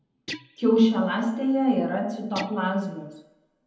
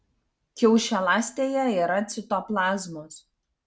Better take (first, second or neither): second